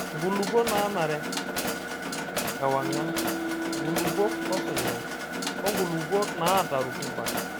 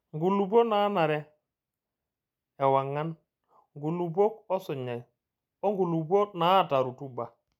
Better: second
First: background sound (Mechanisms + Wind instrument, woodwind instrument); as loud as the speech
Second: none

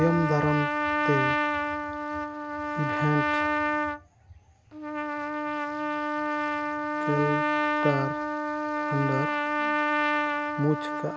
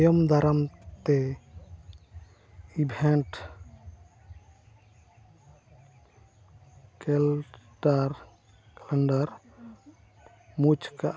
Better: second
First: background sound (Trumpet); 4 dB above the speech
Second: none

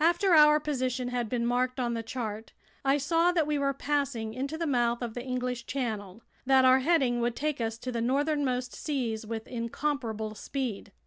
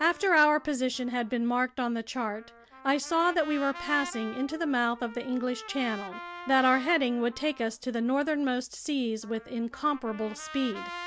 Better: first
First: none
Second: background sound (Trumpet); 16 dB below the speech

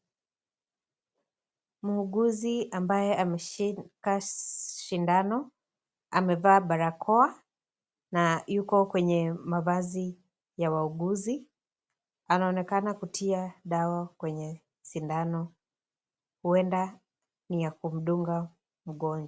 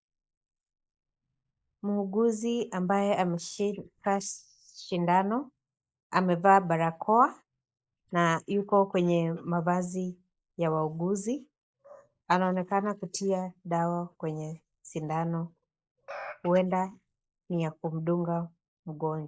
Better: first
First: none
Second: noise reduction (neural mask model Resemble Enhance denoiser)

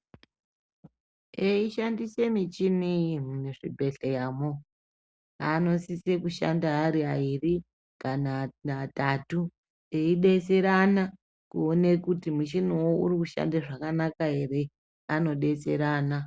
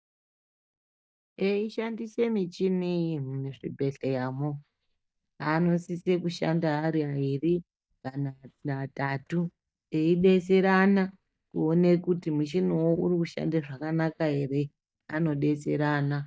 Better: first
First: none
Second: noise reduction (neural mask model DeepFilterNet 3)

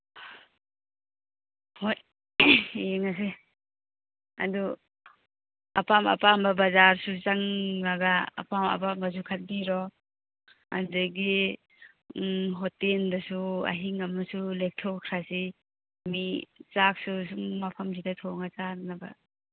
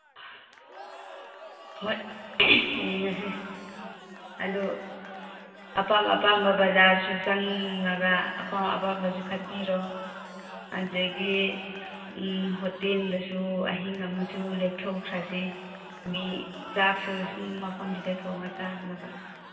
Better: first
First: none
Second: background sound (Crowd / Cheering); 15 dB below the speech // room echo; dies away in 2.6 s

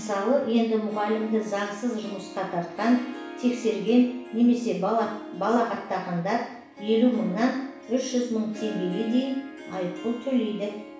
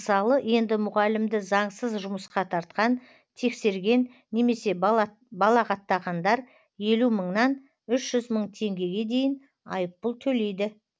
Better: second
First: background sound (Harp); 15 dB below the speech // room echo; dies away in 0.7 s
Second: none

